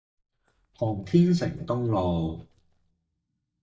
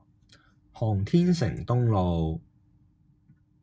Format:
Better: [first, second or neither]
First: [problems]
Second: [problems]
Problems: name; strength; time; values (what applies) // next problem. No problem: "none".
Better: second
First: noise reduction (neural mask model DeepFilterNet 3)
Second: none